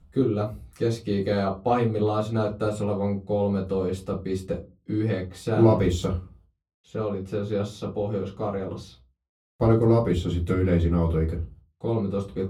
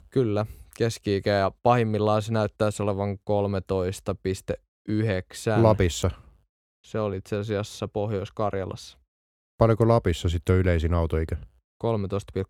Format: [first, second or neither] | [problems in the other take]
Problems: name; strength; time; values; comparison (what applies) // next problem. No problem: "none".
second | off-mic speech; far // room echo; very slight; dies away in 0.3 s